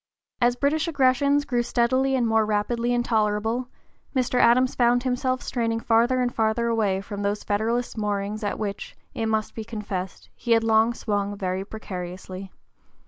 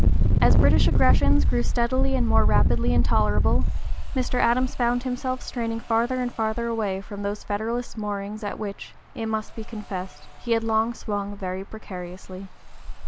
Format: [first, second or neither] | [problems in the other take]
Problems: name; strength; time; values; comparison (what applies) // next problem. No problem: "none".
first | background sound (Engine); 4 dB above the speech